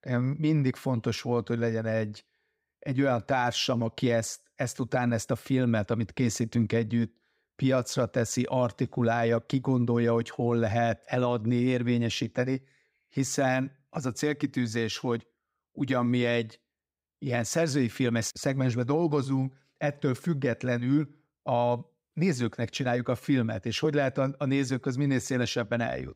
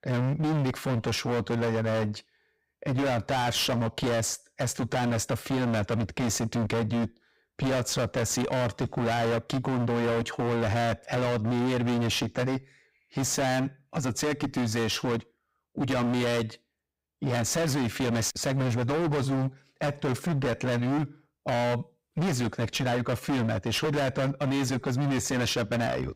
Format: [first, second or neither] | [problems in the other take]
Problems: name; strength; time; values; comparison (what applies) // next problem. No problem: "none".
first | distortion; heavy; 34% of the sound clipped